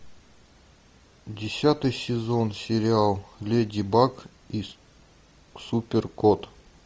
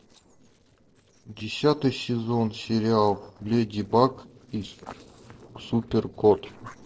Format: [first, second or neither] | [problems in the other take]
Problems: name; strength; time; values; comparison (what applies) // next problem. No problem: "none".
first | noise reduction (neural separator model SepFormer DNS4)